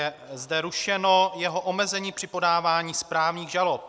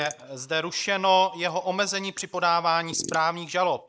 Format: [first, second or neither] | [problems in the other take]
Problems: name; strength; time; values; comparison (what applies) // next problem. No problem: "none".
first | noise reduction (neural mask model Resemble Enhance denoiser)